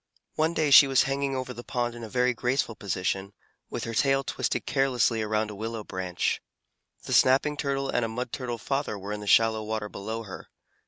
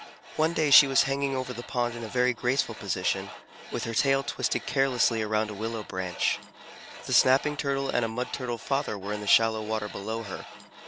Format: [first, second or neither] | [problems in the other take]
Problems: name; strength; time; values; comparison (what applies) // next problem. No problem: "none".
first | background sound (Tools); 15 dB below the speech